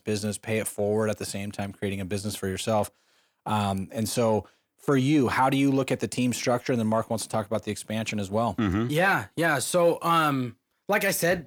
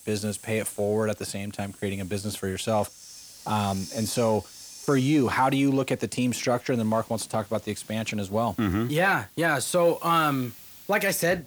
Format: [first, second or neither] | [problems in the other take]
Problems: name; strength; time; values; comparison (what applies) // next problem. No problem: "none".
first | hiss; noticeable; throughout; 20 dB below the speech